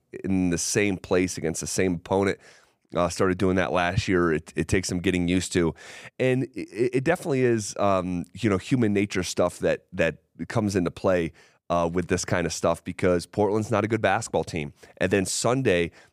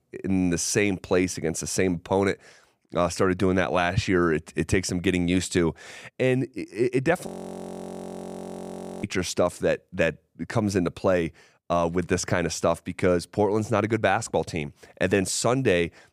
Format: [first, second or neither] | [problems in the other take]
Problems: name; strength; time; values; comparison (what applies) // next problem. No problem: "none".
first | audio freezing; at 7.5 s for 2 s